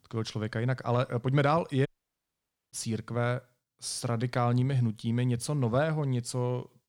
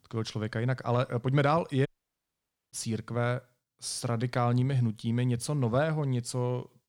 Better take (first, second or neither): neither